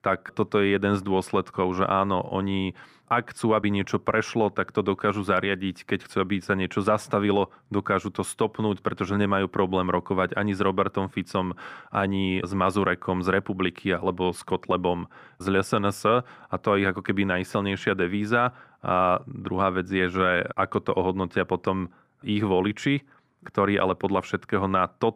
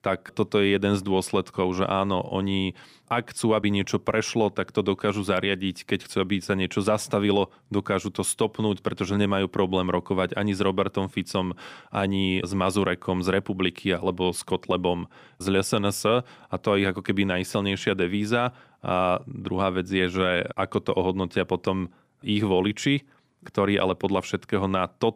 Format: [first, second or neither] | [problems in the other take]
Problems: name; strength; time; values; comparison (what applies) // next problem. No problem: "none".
second | muffled; slightly; fading above 2.5 kHz